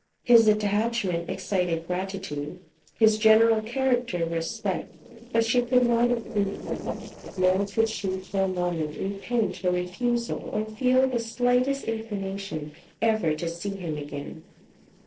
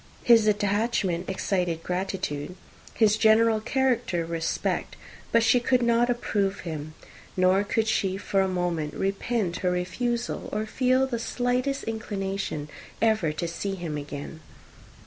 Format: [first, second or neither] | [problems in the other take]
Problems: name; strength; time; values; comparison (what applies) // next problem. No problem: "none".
second | noise reduction (neural separator model SepFormer DNS4)